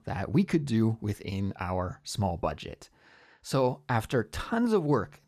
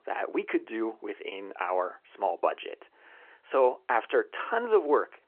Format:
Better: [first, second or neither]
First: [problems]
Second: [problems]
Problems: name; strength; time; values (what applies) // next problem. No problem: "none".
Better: first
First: none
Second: phone-call audio